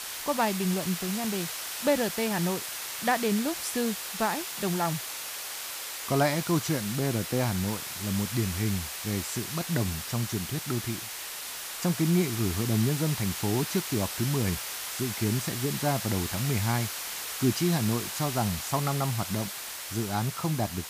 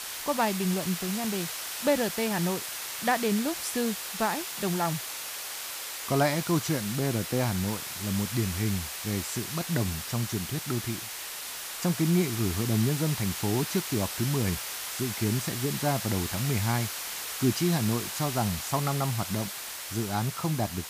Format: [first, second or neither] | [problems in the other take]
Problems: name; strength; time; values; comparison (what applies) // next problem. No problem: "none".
neither | hiss; loud; throughout; 4 dB below the speech; the same in both